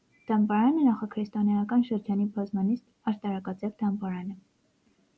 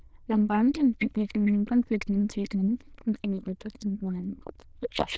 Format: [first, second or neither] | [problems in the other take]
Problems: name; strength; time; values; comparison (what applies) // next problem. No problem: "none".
first | noise reduction (neural diffusion model UNIVERSE++)